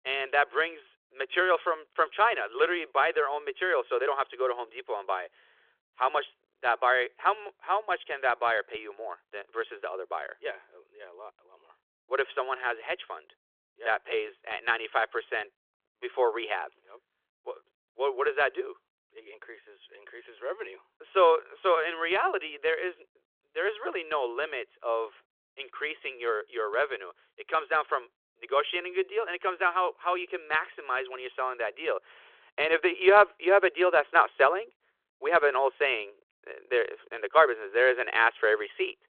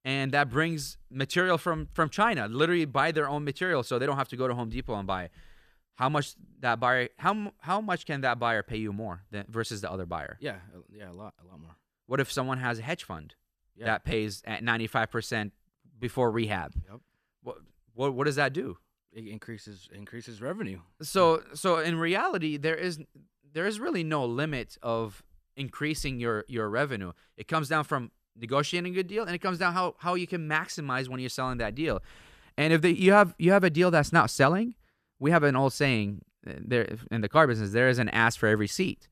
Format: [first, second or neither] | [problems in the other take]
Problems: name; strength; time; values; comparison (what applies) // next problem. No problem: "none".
second | phone-call audio; nothing above 3.5 kHz